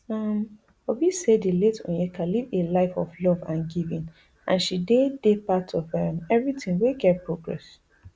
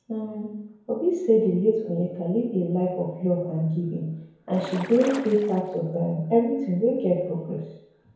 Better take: first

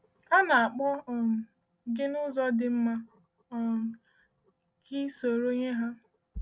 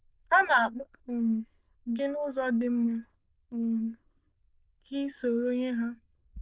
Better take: first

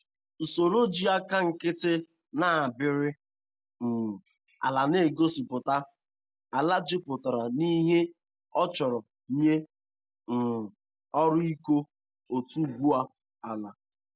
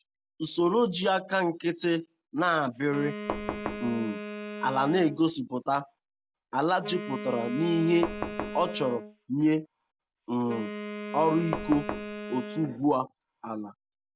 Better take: first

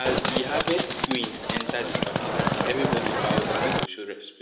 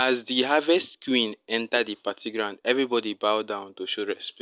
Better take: second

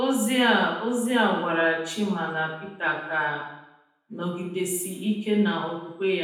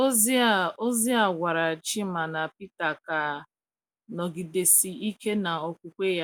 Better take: second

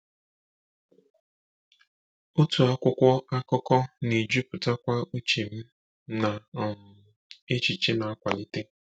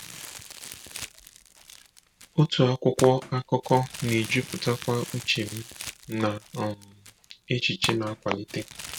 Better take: first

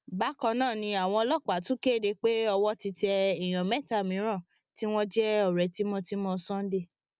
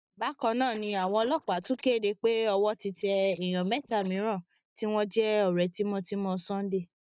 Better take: first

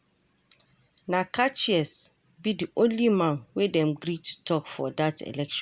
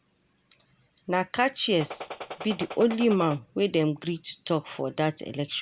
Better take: first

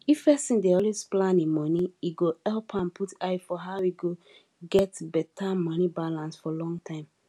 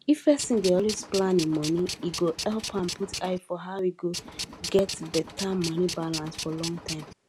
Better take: first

